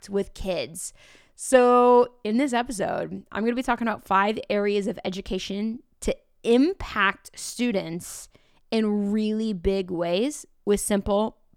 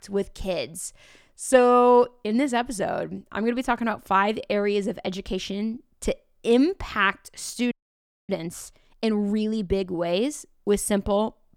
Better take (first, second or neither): first